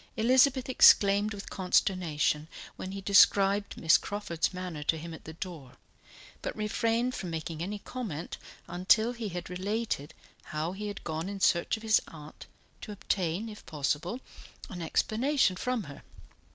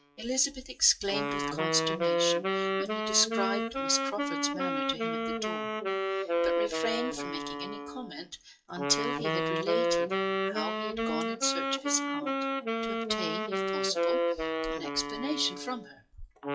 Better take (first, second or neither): first